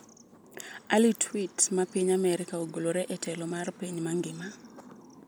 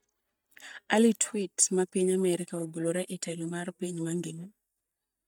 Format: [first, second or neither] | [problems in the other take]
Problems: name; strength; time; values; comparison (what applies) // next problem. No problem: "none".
first | noise reduction (neural mask model DeepFilterNet 3)